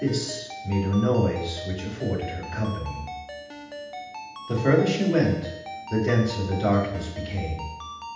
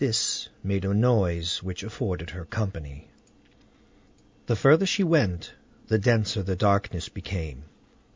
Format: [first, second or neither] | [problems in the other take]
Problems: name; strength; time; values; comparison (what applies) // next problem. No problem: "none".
second | background sound (Ringtone); 12 dB below the speech // room echo; dies away in 0.8 s